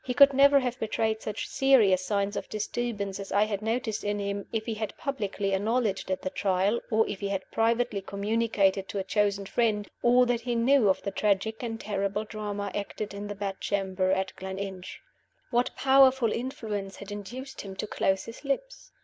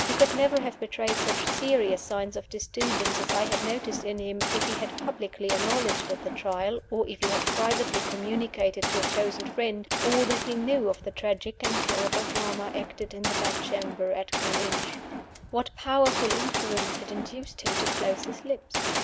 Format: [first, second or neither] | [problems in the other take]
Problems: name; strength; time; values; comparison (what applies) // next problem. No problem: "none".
first | background sound (Gunshot, gunfire); 2 dB below the speech